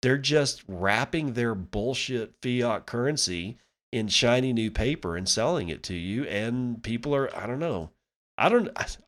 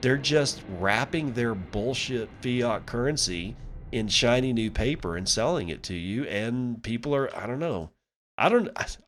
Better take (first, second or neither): first